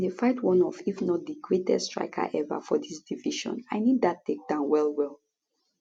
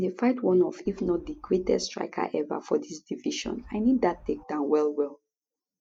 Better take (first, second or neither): first